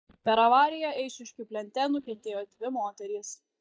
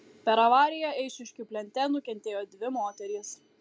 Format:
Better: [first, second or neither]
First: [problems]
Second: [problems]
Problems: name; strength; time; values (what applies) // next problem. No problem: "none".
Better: second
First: noise reduction (neural mask model DeepFilterNet 3)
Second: none